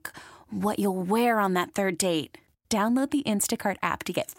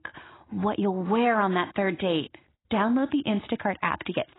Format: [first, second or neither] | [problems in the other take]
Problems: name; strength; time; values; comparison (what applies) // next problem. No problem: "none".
first | garbled, watery; badly; nothing above 4 kHz